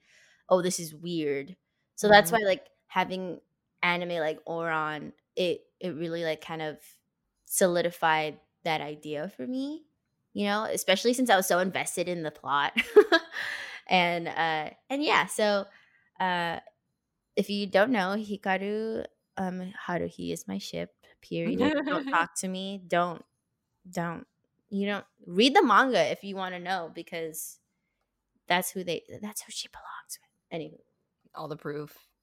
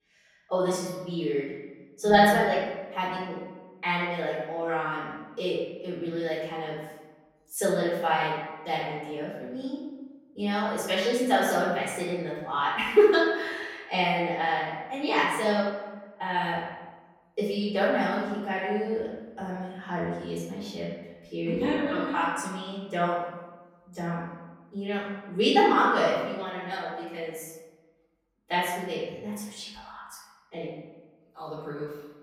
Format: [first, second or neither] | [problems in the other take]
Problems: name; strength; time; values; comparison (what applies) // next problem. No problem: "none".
first | off-mic speech; far // room echo; noticeable; dies away in 1.1 s